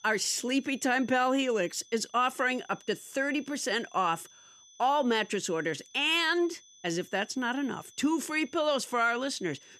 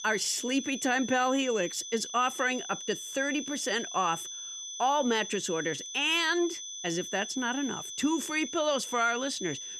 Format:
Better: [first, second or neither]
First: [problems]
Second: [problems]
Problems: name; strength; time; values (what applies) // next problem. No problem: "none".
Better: first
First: high-pitched whine; faint; throughout; 6 kHz, 25 dB below the speech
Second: high-pitched whine; loud; throughout; 6 kHz, 8 dB below the speech